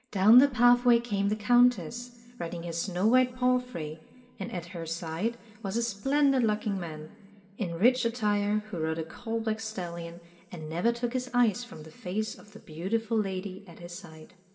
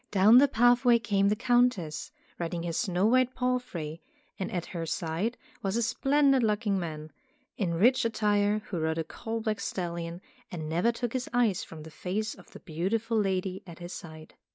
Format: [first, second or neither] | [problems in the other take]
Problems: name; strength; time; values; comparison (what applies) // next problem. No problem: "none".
second | room echo; dies away in 1.4 s